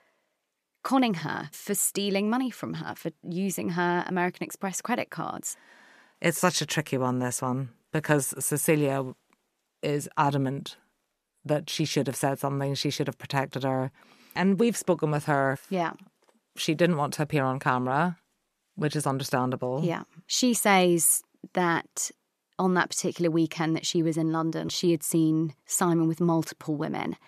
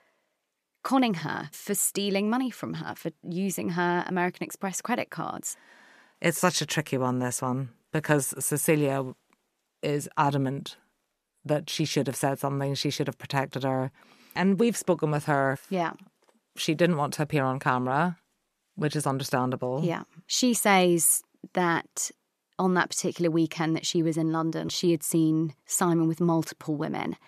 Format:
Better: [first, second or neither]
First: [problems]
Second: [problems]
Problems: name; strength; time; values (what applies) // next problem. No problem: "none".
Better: neither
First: none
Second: none